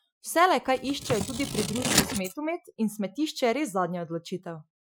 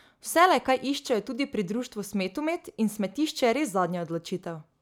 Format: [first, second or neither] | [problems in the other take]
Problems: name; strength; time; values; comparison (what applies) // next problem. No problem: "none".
second | noise reduction (classical method Wiener filter)